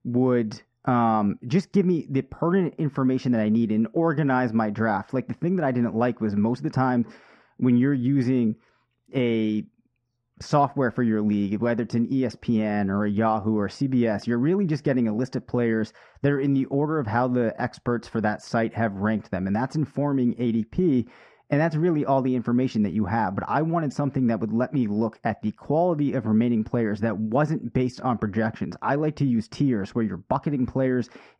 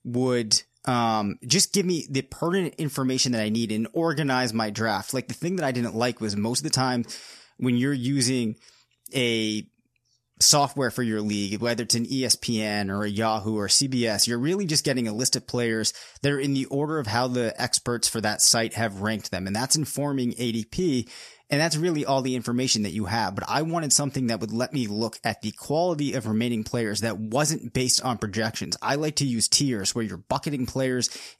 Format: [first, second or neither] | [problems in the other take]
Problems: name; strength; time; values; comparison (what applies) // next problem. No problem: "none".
second | muffled; very; fading above 1.5 kHz